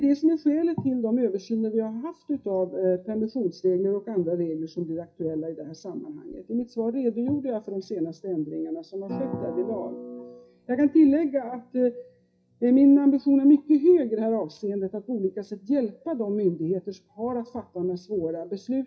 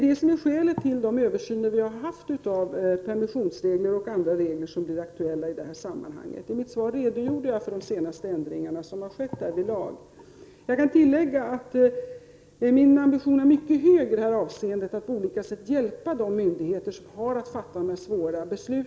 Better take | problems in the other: second | noise reduction (classical method WPE with log-MMSE)

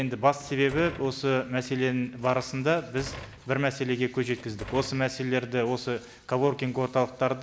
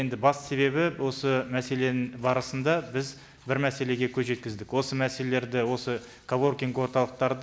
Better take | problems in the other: second | background sound (Door); 17 dB below the speech

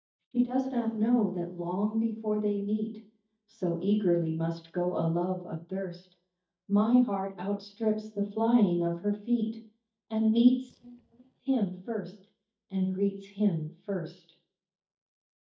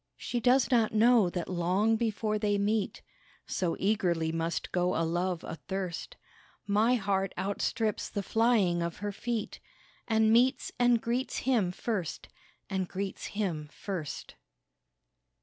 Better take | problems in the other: second | noise reduction (neural mask model DeepFilterNet 3)

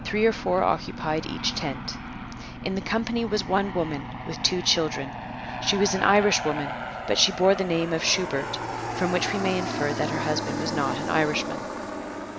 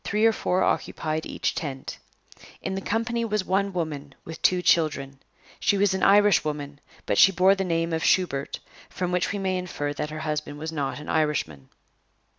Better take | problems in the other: second | background sound (Aircraft); 6 dB below the speech

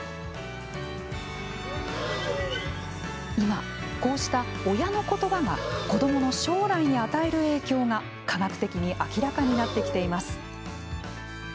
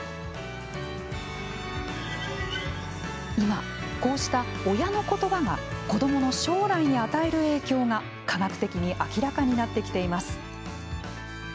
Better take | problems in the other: second | background sound (Breathing); 11 dB below the speech

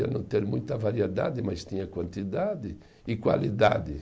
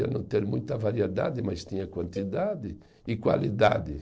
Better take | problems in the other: first | noise reduction (neural separator model SepFormer DNS4)

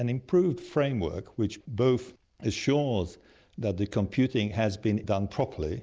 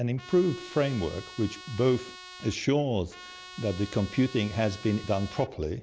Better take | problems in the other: first | background sound (Trumpet); 17 dB below the speech

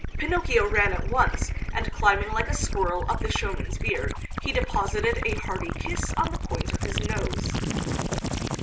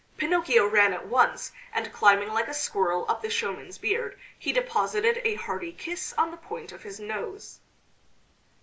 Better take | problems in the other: second | background sound (Gurgling / Liquid); as loud as the speech

